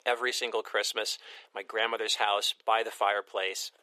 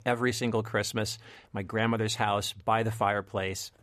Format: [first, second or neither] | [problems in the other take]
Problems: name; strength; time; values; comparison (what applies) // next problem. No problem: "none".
second | thin; very; fading below 400 Hz